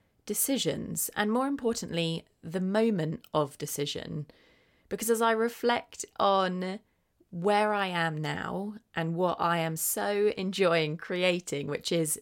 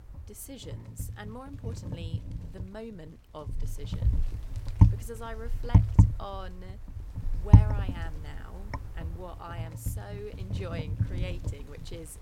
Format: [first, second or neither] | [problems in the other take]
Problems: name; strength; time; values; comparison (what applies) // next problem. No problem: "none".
first | wind noise on the microphone; heavy; 4 dB above the speech